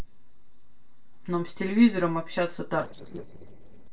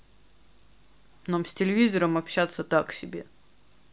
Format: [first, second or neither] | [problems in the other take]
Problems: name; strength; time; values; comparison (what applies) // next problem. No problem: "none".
second | noise reduction (neural separator model SepFormer DNS4)